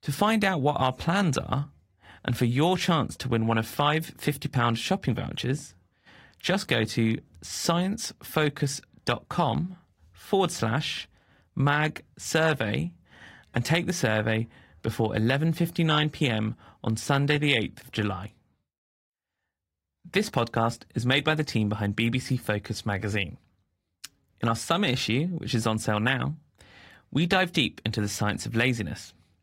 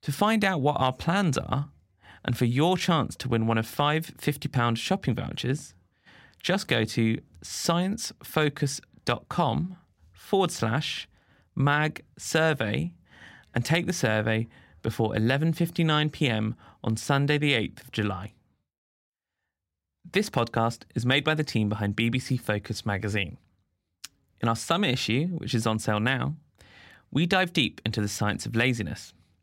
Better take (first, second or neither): second